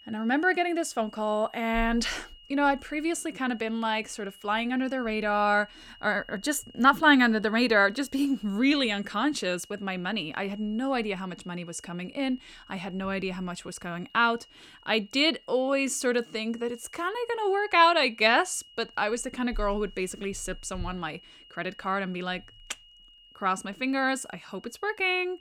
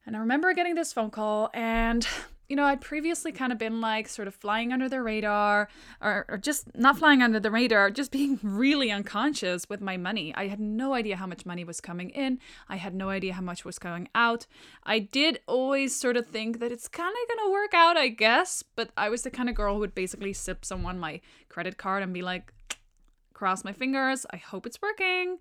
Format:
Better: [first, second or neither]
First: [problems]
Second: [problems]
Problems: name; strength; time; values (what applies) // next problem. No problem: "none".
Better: second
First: high-pitched whine; faint; throughout; 3 kHz, 25 dB below the speech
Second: none